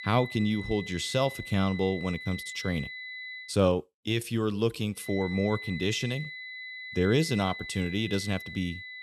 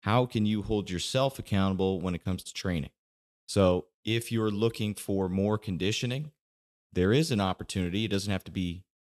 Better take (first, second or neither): second